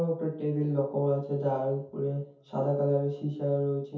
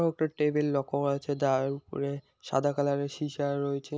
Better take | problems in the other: second | room echo; dies away in 0.6 s

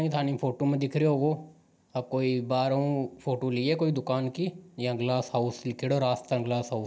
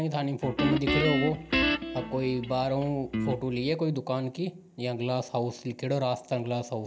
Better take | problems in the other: first | background sound (Guitar); 1 dB below the speech

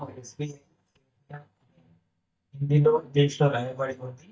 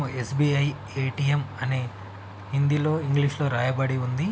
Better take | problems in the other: second | noise reduction (neural mask model DeepFilterNet 3)

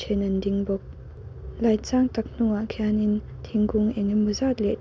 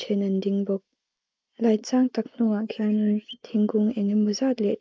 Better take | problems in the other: first | noise reduction (neural mask model Resemble Enhance denoiser)

